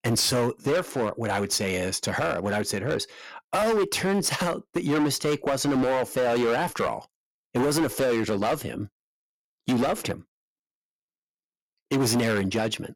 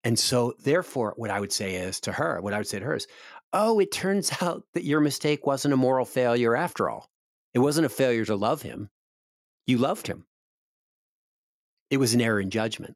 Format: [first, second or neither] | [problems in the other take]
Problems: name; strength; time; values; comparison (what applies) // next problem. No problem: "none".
second | distortion; heavy; 13% of the sound clipped